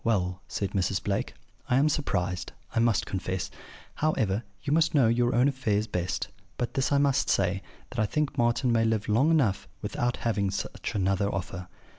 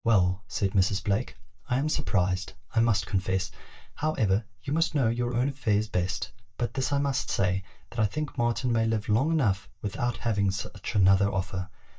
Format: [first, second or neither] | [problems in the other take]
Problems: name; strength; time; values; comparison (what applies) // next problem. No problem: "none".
first | noise reduction (neural mask model DeepFilterNet 3)